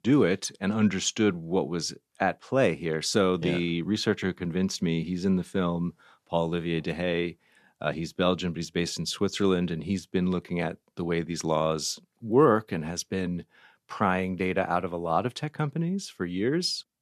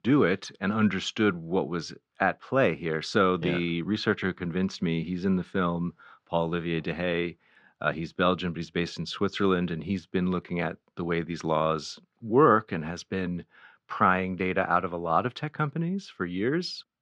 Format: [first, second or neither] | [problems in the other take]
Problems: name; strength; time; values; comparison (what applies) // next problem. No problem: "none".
first | muffled; slightly; fading above 3 kHz